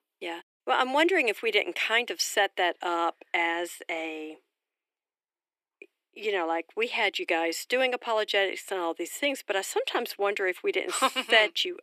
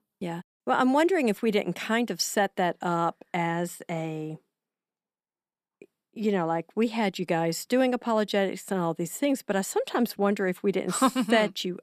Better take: second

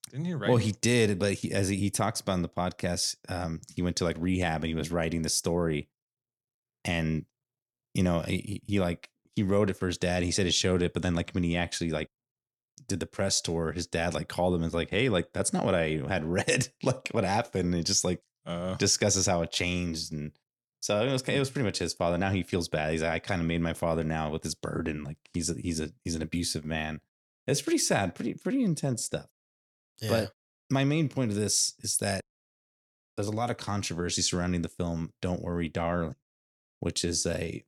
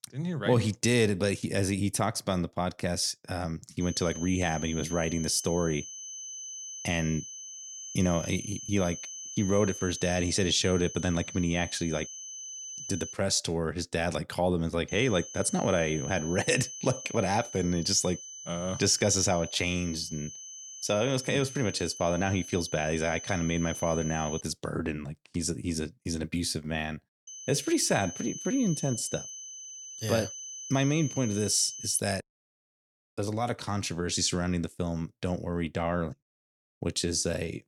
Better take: first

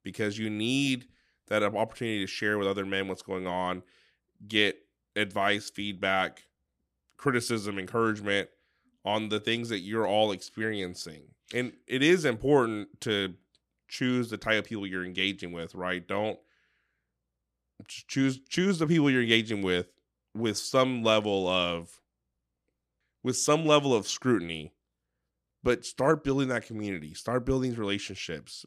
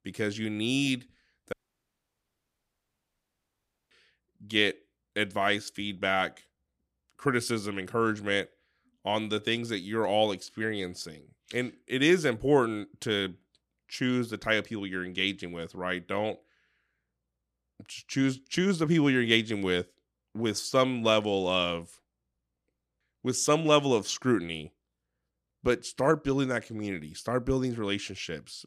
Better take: first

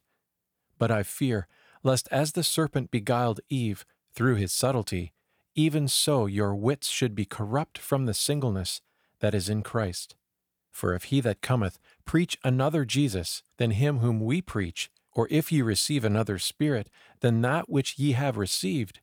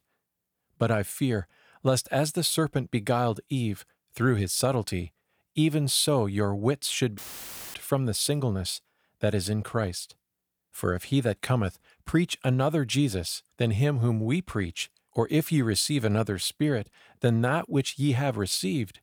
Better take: first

